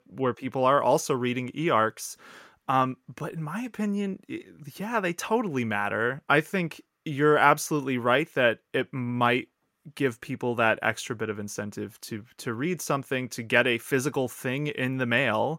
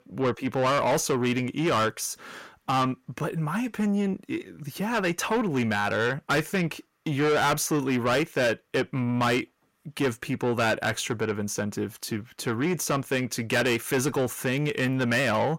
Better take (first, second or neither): first